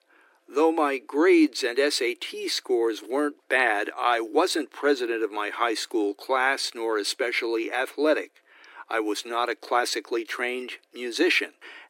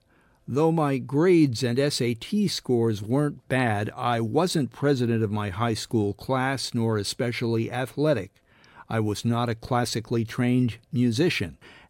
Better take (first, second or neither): second